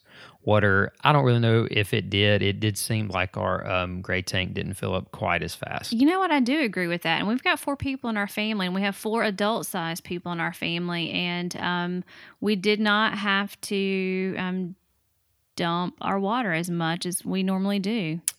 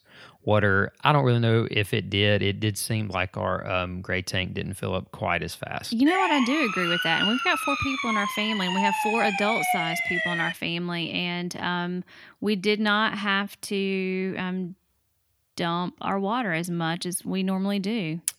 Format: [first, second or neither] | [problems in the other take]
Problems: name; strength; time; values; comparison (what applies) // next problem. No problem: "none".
first | siren; loud; from 6 to 11 s; peak 2 dB above the speech